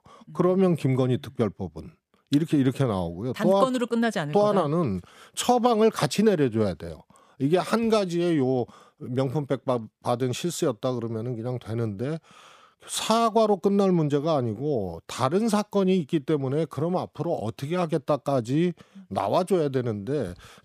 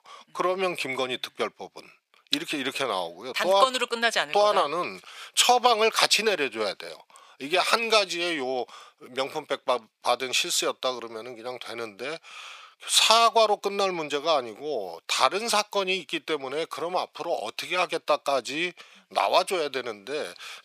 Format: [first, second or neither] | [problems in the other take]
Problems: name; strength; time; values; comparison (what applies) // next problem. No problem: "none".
first | thin; very; fading below 750 Hz